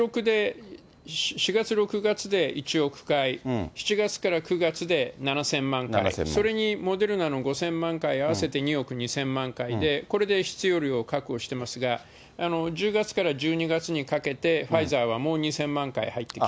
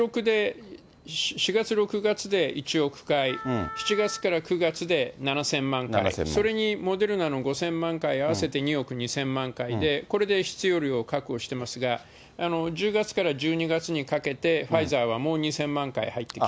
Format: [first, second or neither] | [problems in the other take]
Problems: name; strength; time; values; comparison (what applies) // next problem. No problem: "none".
first | background sound (Wind instrument, woodwind instrument); 13 dB below the speech